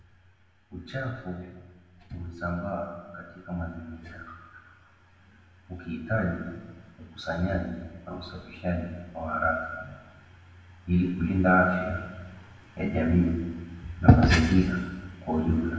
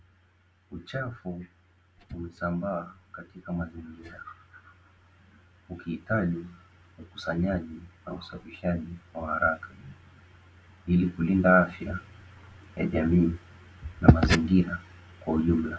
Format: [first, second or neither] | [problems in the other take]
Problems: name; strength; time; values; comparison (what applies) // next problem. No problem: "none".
second | room echo; dies away in 1.3 s